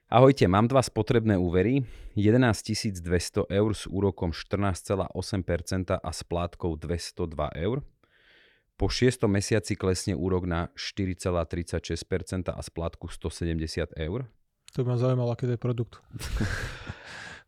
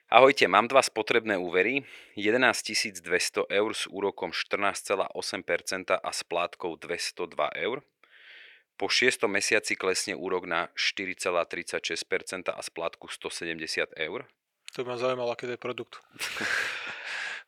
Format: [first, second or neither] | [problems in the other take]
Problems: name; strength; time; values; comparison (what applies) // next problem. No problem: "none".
first | thin; very; fading below 500 Hz